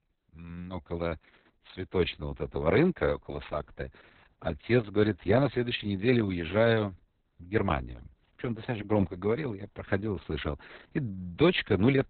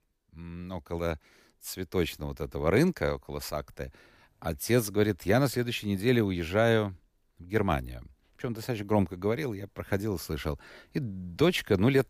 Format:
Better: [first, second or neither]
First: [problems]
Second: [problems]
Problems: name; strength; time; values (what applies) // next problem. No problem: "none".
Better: second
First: garbled, watery; badly; nothing above 4 kHz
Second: none